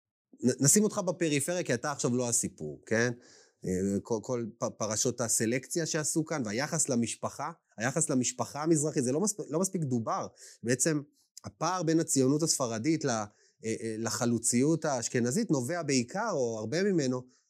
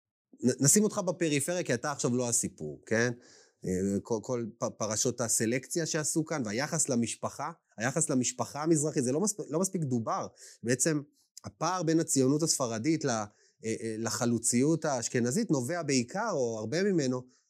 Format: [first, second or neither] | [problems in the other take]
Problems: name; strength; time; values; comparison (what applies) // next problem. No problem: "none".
neither | none